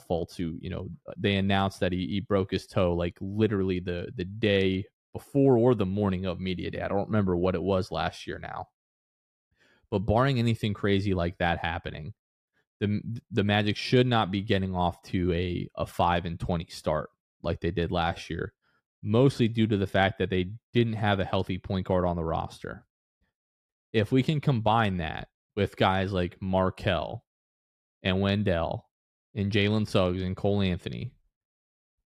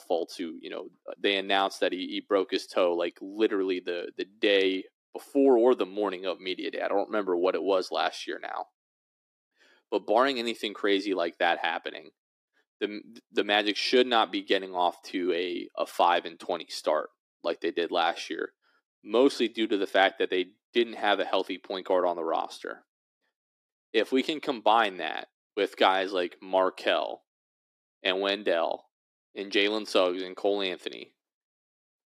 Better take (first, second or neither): first